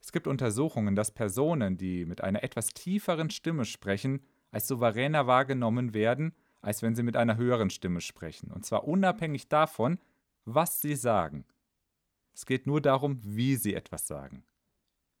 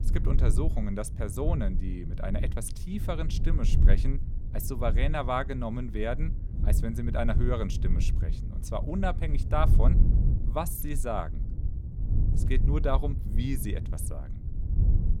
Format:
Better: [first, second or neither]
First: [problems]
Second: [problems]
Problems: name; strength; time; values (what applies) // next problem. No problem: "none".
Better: first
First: none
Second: low rumble; noticeable; throughout; 10 dB below the speech